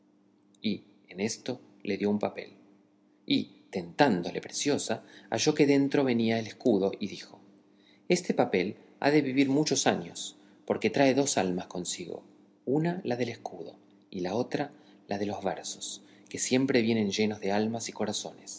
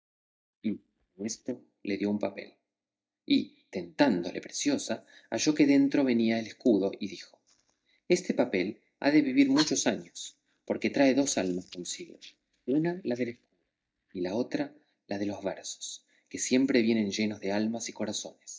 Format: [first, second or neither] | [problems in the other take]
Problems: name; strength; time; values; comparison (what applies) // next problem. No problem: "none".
first | noise reduction (neural mask model DeepFilterNet 3)